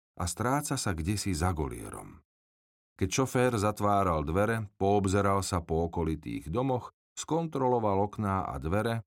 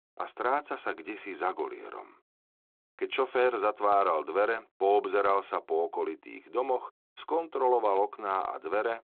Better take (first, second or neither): first